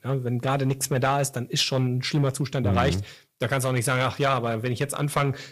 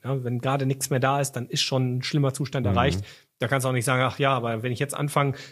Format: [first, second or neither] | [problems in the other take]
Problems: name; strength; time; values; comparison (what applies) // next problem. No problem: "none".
second | distortion; slight; 3% of the sound clipped